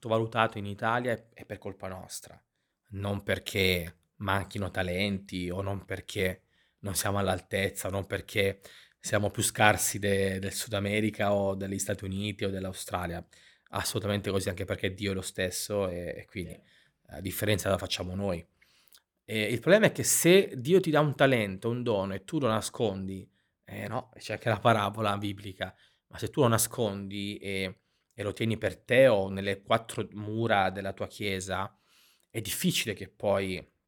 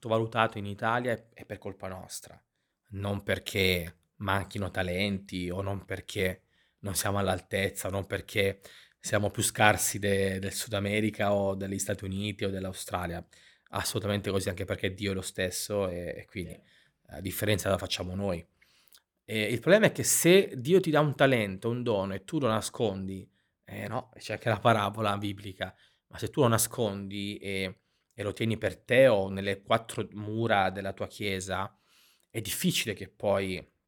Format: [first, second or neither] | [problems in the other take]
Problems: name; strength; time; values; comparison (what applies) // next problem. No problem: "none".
neither | none